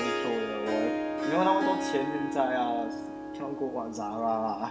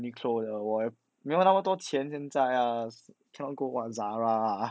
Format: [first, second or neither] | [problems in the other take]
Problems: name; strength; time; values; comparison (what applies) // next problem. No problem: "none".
second | background sound (Harp); 2 dB below the speech // room echo; dies away in 0.6 s